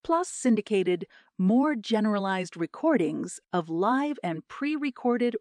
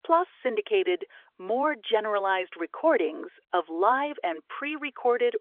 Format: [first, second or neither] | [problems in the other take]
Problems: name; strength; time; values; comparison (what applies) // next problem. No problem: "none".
first | phone-call audio; nothing above 3 kHz